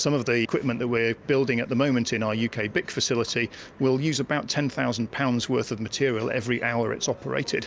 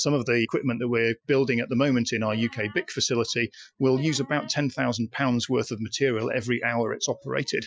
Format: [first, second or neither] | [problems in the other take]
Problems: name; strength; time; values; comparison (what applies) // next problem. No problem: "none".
first | noise reduction (classical method Wiener filter)